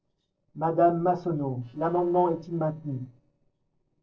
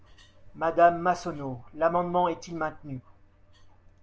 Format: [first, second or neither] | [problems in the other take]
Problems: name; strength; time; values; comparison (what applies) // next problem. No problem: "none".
second | noise reduction (neural separator model SepFormer DNS4)